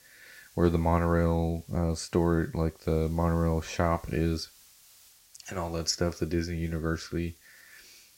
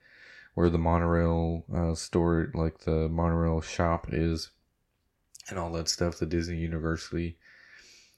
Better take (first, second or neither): second